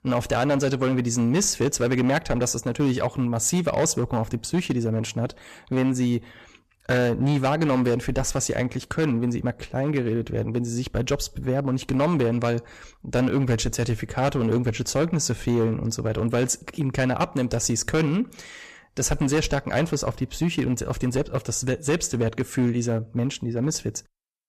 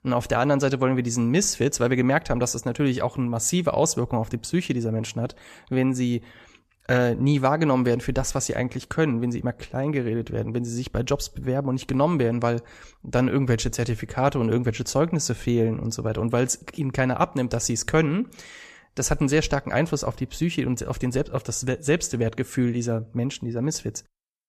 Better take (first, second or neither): second